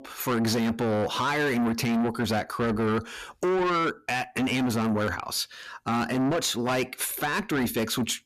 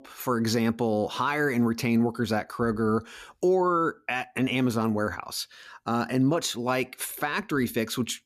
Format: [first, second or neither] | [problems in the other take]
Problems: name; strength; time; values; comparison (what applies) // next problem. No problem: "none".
second | distortion; heavy; 7 dB below the speech